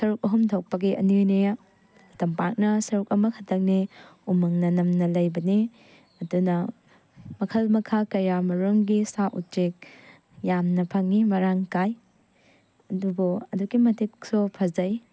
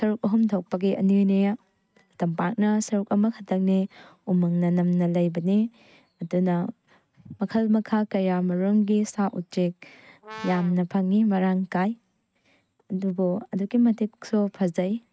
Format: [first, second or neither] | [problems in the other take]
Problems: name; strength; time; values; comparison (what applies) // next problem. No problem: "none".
first | noise reduction (neural mask model RNNoise)